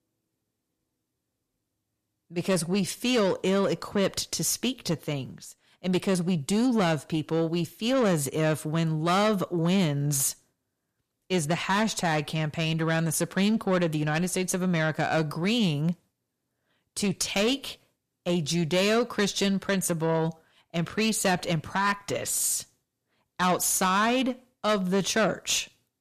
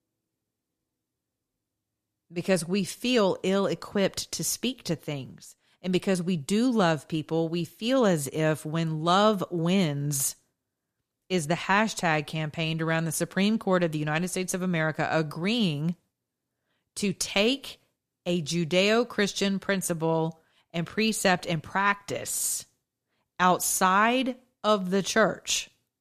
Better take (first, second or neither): second